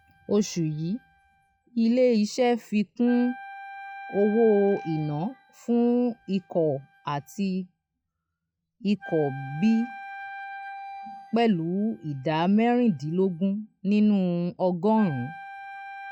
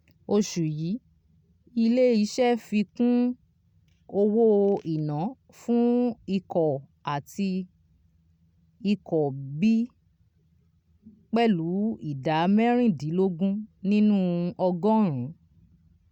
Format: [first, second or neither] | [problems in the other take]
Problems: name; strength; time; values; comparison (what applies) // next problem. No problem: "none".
second | noise reduction (classical method log-MMSE)